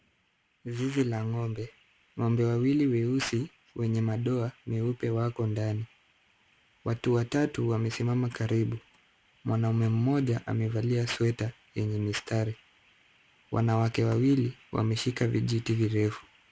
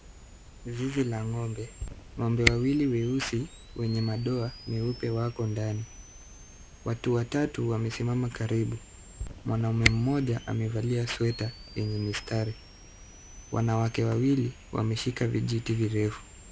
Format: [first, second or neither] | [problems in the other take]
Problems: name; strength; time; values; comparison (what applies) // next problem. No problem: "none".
first | background sound (Camera); 10 dB below the speech